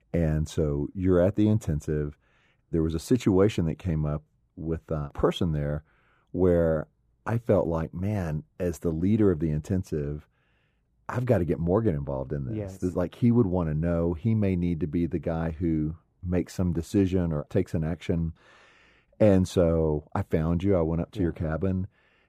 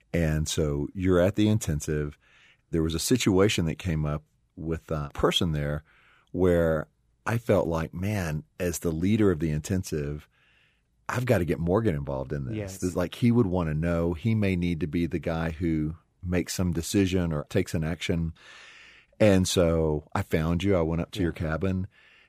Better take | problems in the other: second | muffled; slightly; fading above 1.5 kHz

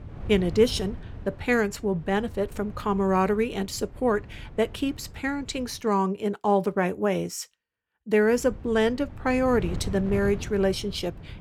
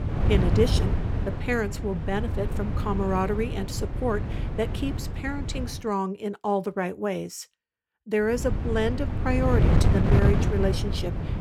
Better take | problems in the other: first | wind noise on the microphone; heavy; until 5.5 s and from 8.5 s on; 6 dB below the speech; occasional gusts in the first

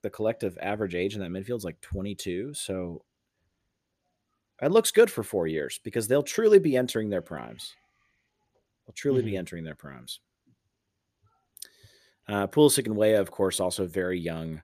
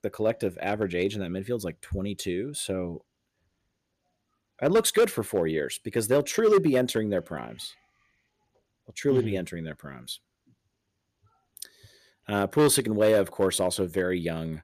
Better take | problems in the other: first | distortion; slight; 1.9% of the sound clipped

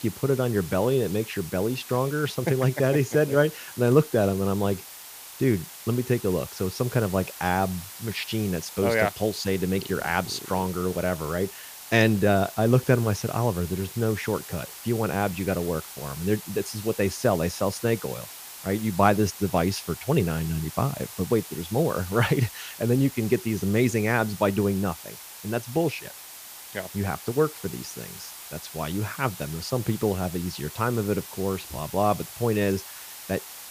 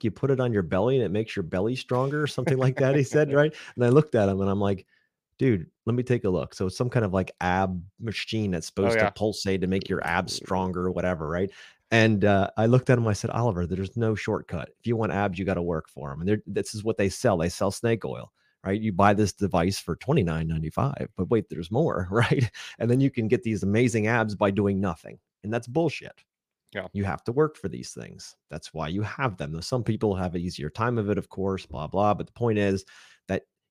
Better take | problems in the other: second | hiss; noticeable; throughout; 15 dB below the speech

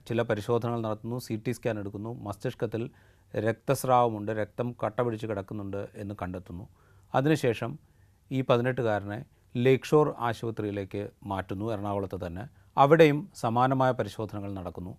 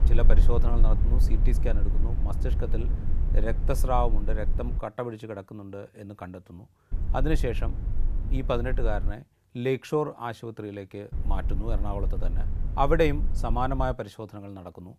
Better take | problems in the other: first | low rumble; noticeable; until 5 s, from 7 to 9 s and from 11 to 14 s; 15 dB below the speech

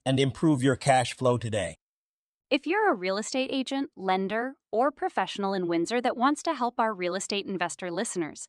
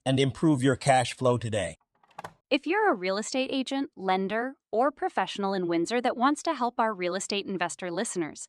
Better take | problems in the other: first | phone ringing; faint; at 2 s; peak 20 dB below the speech

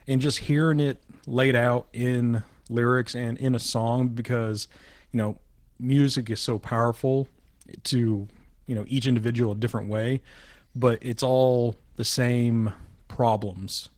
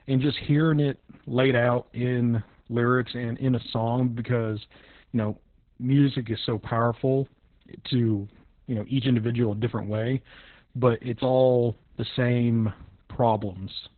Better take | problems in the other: first | garbled, watery; badly; nothing above 4 kHz; slightly in the first

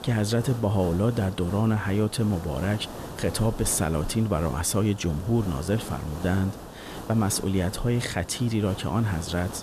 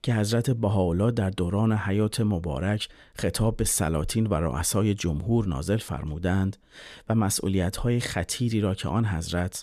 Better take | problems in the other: second | hiss; noticeable; throughout; 15 dB below the speech

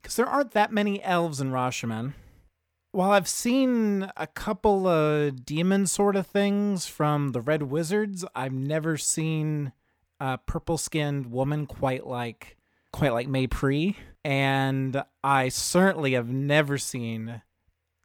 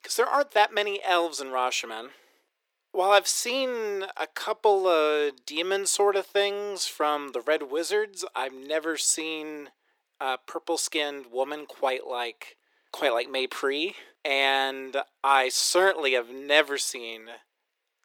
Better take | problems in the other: first | thin; very; fading below 350 Hz

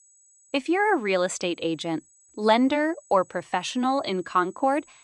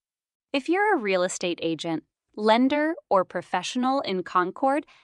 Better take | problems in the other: second | high-pitched whine; faint; throughout; 8 kHz, 30 dB below the speech

